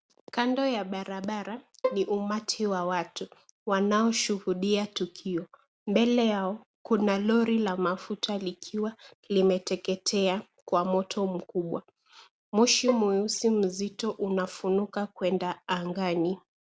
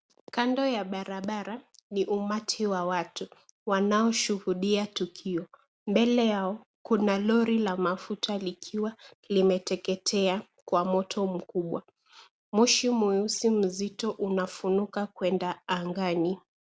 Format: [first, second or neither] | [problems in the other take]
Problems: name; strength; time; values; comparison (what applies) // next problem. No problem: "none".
second | background sound (Bowed string instrument); 9 dB below the speech